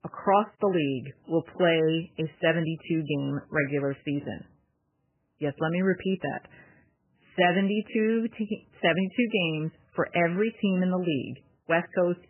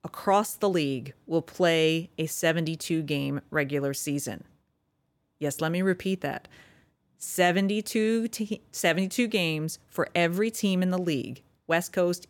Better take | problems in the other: second | garbled, watery; badly; nothing above 3 kHz

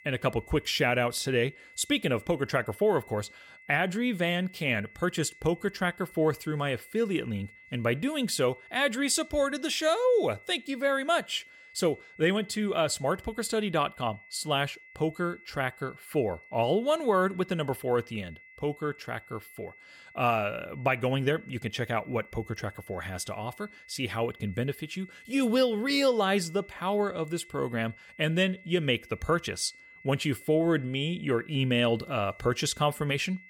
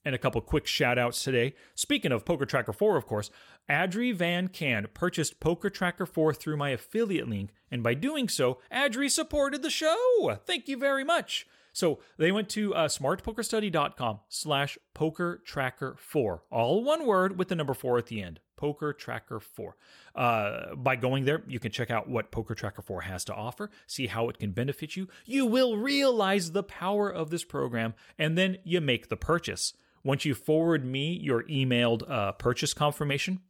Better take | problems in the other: second | high-pitched whine; faint; throughout; 2 kHz, 20 dB below the speech

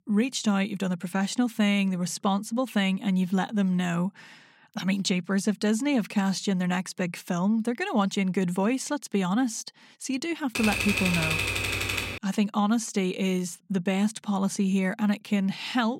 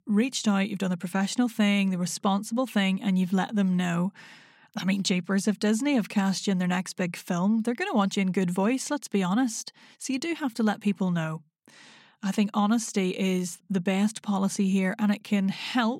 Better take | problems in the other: second | keyboard typing; loud; from 11 to 12 s; peak 2 dB above the speech

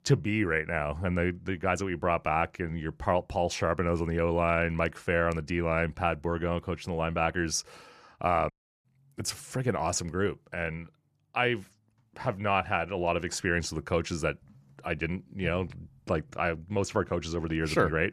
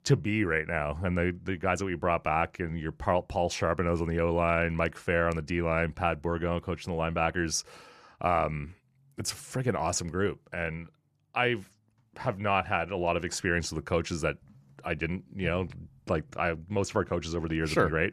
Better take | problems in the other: second | audio cutting out; at 8.5 s

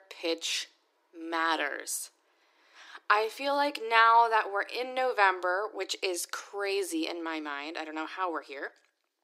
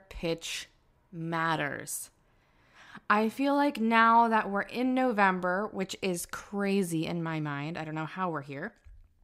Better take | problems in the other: second | thin; very; fading below 300 Hz

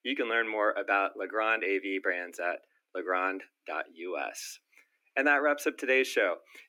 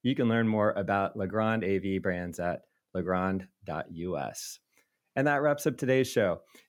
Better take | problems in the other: second | thin; somewhat; fading below 300 Hz

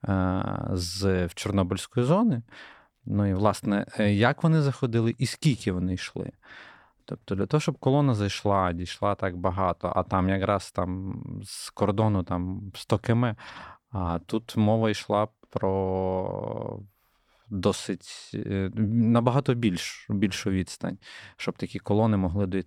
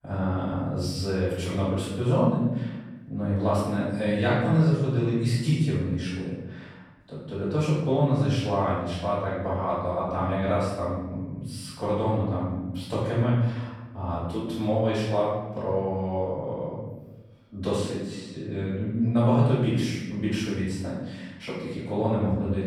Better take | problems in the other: first | off-mic speech; far // room echo; strong; dies away in 1.1 s

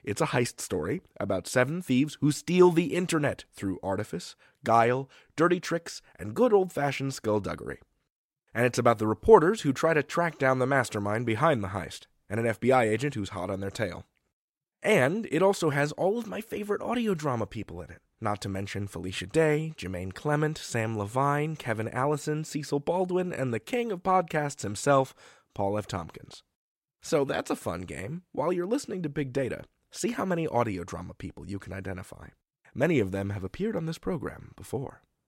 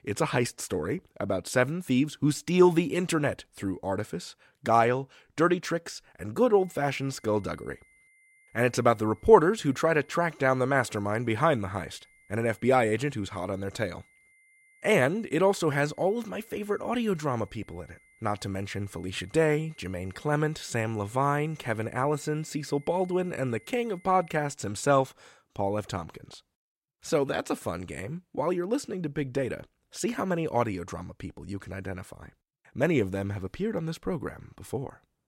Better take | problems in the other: first | high-pitched whine; faint; from 6.5 to 25 s; 2 kHz, 30 dB below the speech

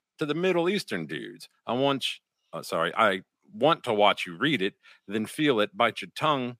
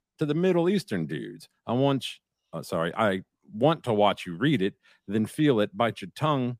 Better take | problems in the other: second | thin; very slightly; fading below 800 Hz

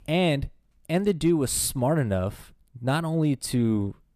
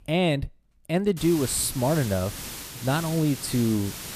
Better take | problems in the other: first | hiss; noticeable; from 1 s on; 10 dB below the speech

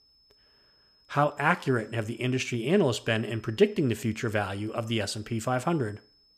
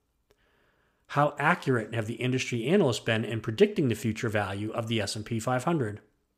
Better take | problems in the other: second | high-pitched whine; faint; throughout; 5 kHz, 30 dB below the speech

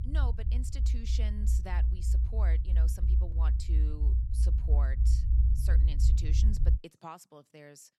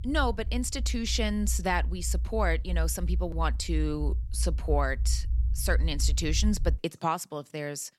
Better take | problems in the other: second | low rumble; loud; until 7 s; 2 dB below the speech; faint in the second

